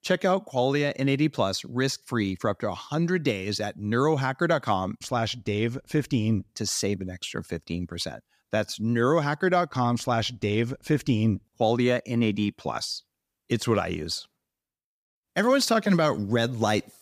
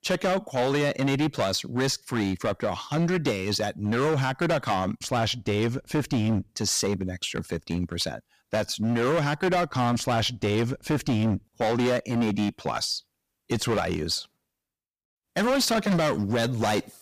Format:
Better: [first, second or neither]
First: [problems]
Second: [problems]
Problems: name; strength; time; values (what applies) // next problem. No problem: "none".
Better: first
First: none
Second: distortion; heavy; 15% of the sound clipped